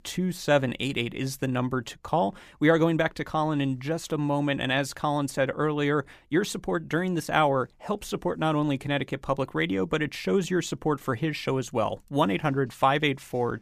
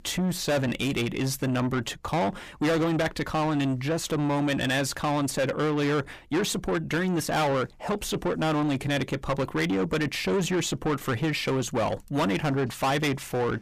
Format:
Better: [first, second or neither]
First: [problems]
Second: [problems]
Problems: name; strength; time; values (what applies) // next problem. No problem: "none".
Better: first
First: none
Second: distortion; heavy; 7 dB below the speech